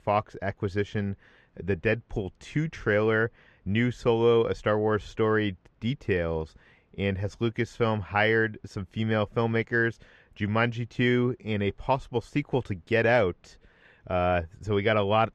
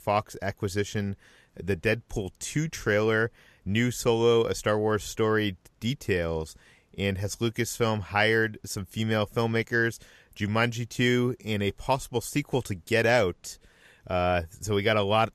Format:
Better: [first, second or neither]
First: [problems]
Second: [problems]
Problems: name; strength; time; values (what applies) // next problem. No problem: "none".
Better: second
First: muffled; slightly; fading above 2.5 kHz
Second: none